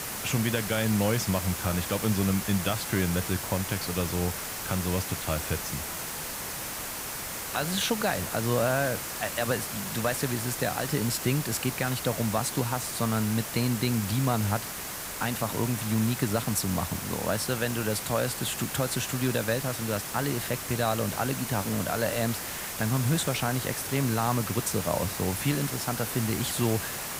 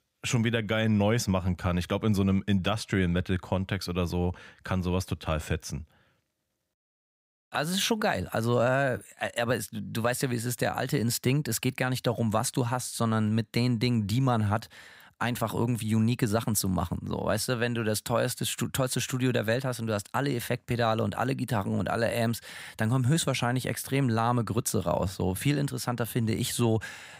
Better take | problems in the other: second | hiss; loud; throughout; 4 dB below the speech

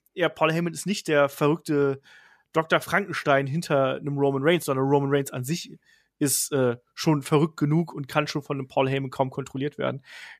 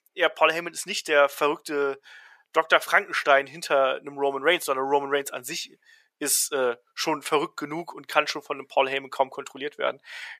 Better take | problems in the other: first | thin; very; fading below 600 Hz

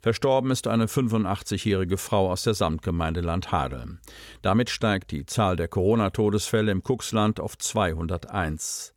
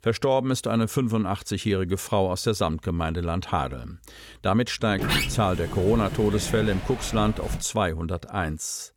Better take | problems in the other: first | door banging; loud; from 5 to 7.5 s; peak 1 dB above the speech

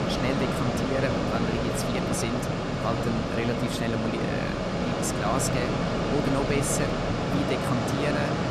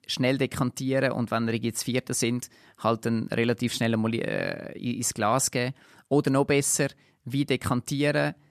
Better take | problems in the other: second | machinery noise; very loud; throughout; 3 dB above the speech

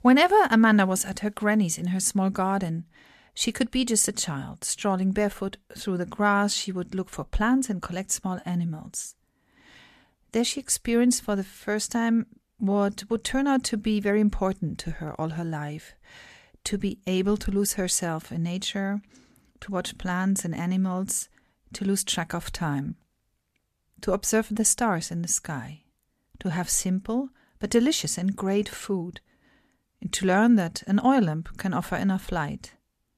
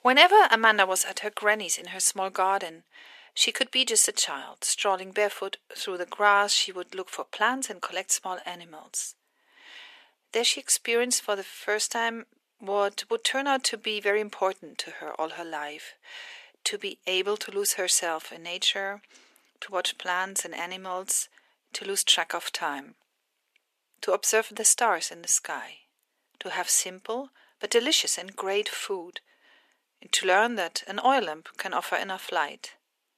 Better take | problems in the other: first | thin; very; fading below 400 Hz

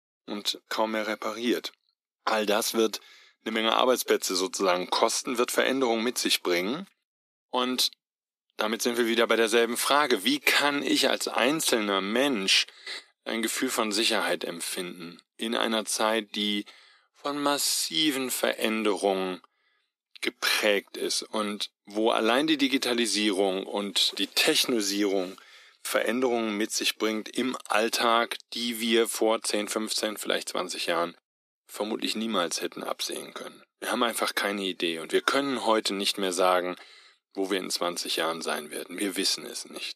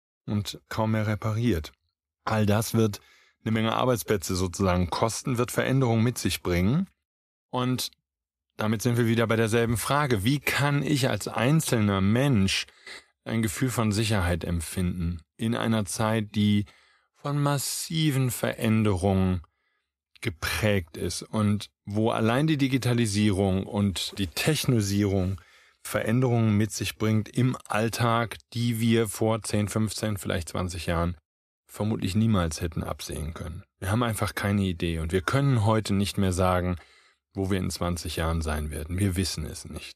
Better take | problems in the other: second | thin; somewhat; fading below 250 Hz

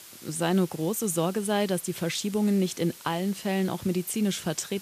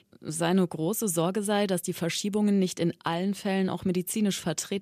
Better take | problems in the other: second | hiss; noticeable; throughout; 15 dB below the speech

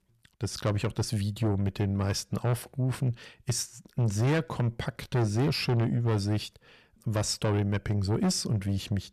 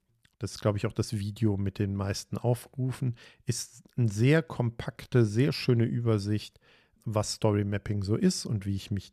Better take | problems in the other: second | distortion; heavy; 7 dB below the speech

